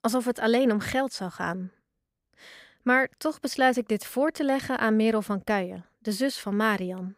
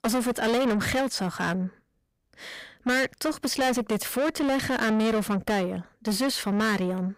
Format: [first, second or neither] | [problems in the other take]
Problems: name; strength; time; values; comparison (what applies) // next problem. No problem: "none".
first | distortion; heavy; 7 dB below the speech